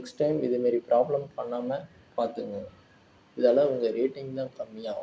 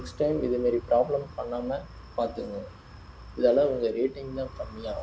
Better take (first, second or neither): first